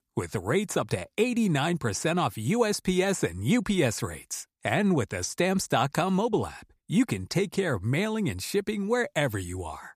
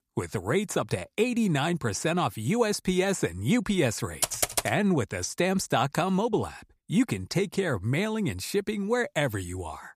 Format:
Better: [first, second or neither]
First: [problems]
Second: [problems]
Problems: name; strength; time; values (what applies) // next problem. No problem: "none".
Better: first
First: none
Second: keyboard typing; loud; at 4 s; peak level with the speech